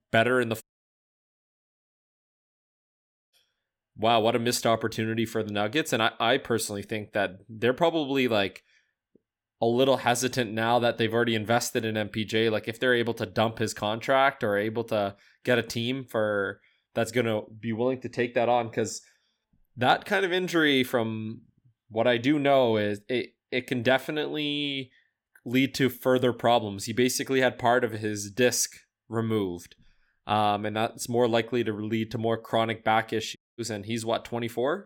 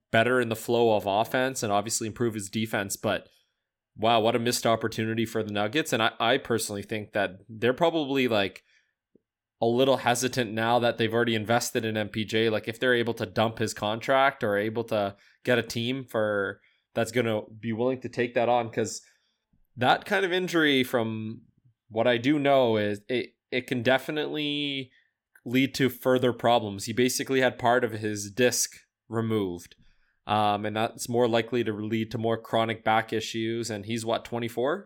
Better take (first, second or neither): second